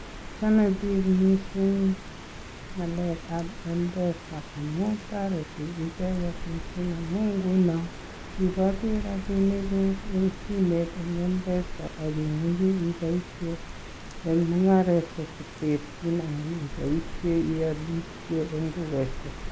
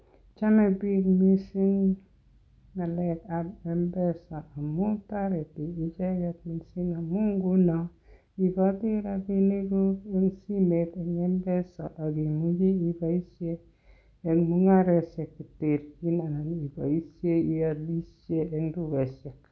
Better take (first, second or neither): second